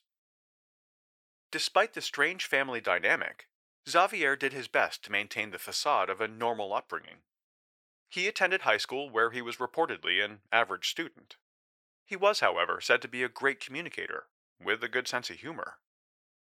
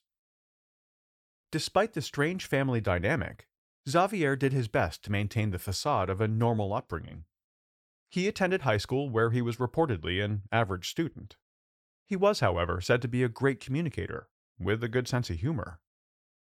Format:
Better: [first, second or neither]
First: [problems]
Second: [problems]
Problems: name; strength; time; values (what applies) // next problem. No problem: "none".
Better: second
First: thin; very; fading below 500 Hz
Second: none